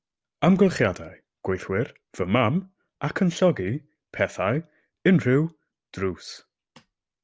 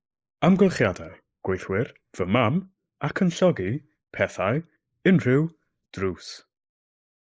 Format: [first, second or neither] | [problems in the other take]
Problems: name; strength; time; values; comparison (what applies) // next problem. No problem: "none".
first | noise reduction (neural mask model Resemble Enhance denoiser)